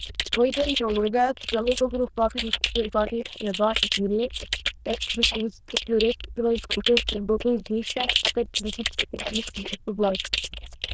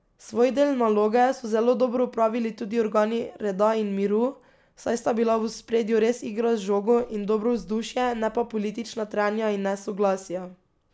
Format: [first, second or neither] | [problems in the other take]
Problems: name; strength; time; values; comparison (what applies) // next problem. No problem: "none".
second | noise reduction (neural diffusion model UNIVERSE++)